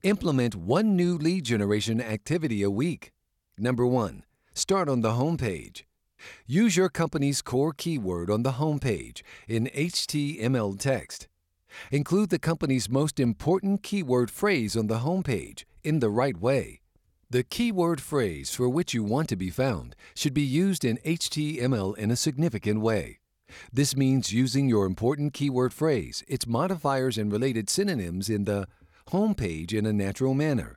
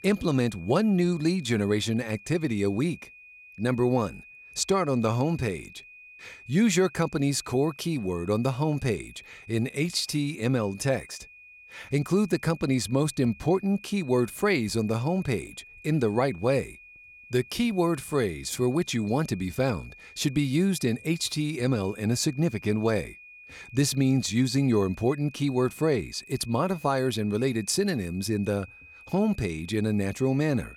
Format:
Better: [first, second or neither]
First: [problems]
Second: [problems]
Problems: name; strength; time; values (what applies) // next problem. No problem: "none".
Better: first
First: none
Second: high-pitched whine; faint; throughout; 2.5 kHz, 20 dB below the speech